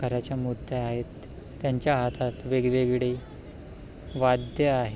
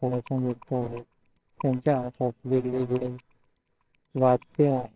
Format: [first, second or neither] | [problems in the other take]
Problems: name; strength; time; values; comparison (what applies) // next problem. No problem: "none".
first | noise reduction (neural separator model SepFormer WHAMR!)